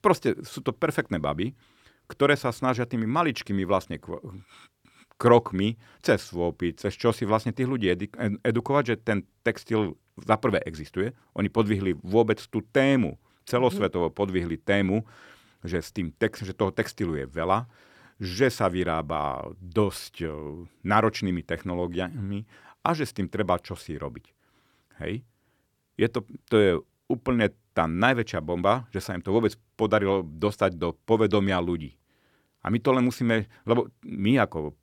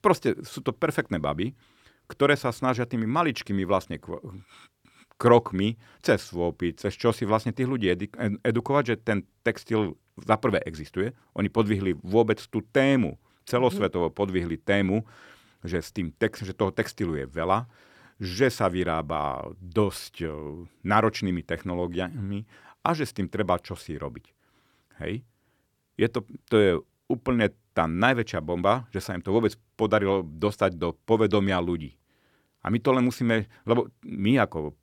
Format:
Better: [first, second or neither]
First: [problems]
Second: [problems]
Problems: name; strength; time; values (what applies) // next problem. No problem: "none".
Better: neither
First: none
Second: none